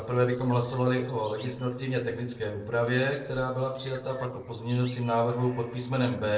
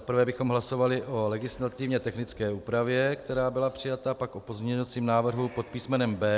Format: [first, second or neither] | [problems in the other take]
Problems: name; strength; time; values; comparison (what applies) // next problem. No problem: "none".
second | noise reduction (neural separator model SepFormer DNS4)